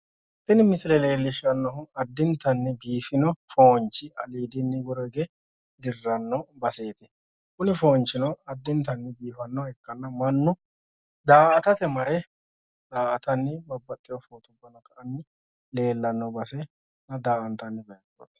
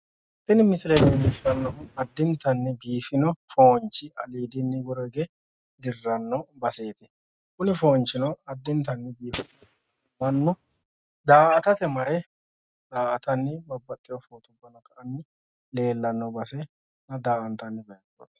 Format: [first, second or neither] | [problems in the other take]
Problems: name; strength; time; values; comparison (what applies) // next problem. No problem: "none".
first | noise reduction (neural mask model RNNoise)